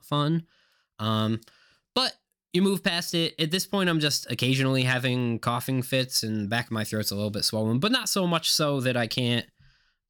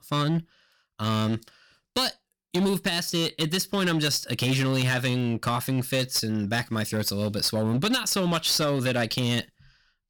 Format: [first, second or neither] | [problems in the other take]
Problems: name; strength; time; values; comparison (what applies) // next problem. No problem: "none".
first | distortion; slight; 11% of the sound clipped